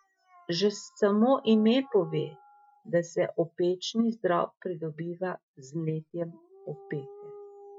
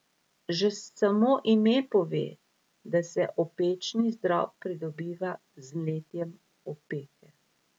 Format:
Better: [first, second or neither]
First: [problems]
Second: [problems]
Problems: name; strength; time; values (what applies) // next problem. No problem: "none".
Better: second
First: noise reduction (classical method Wiener filter)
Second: none